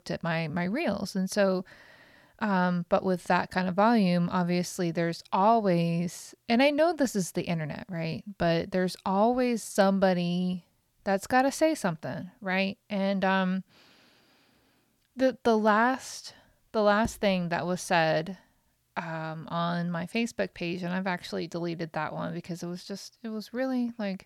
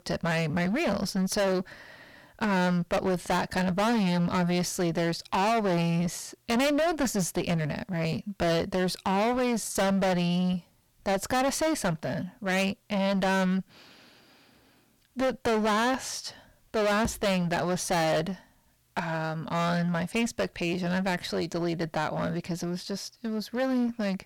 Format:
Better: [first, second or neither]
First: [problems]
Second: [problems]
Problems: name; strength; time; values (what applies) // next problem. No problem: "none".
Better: first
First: none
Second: distortion; heavy; 21% of the sound clipped